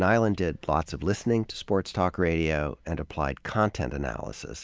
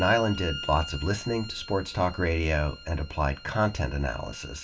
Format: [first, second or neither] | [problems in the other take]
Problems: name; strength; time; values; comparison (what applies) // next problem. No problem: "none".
first | background sound (Bowed string instrument); 14 dB below the speech // room echo; dies away in 0.2 s